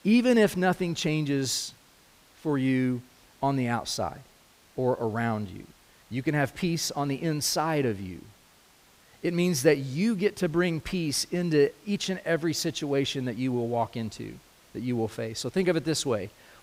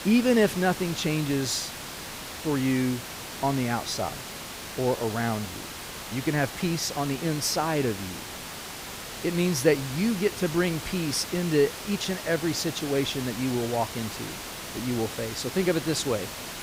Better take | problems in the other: first | hiss; loud; throughout; 8 dB below the speech; faint in the first

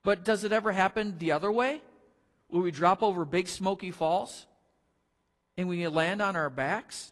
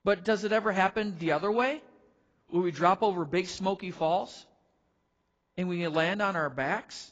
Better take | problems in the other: first | garbled, watery; badly; nothing above 7.5 kHz; slightly in the first

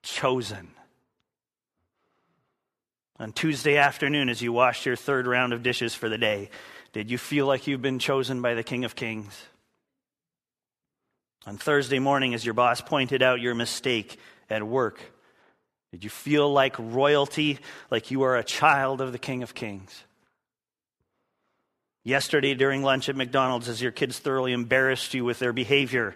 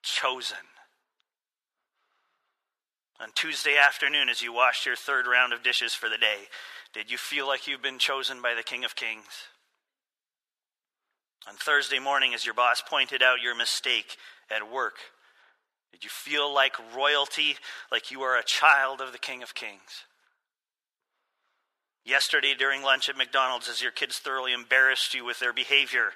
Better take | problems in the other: first | thin; very; fading below 800 Hz

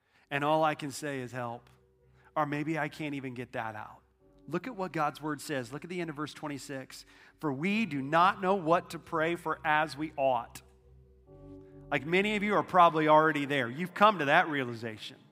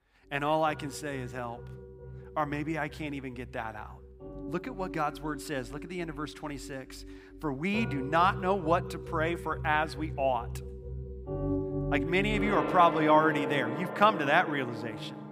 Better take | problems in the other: first | background music; loud; throughout; 7 dB below the speech; faint in the first

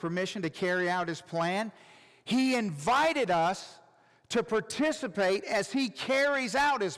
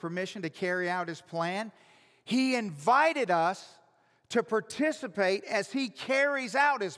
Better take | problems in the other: second | distortion; slight; 10 dB below the speech

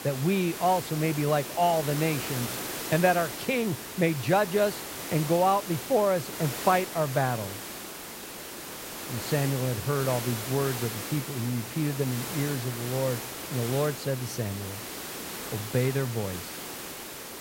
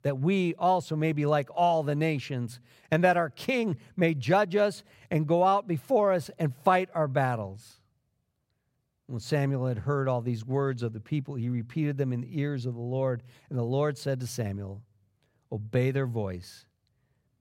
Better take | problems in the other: second | hiss; loud; throughout; 7 dB below the speech

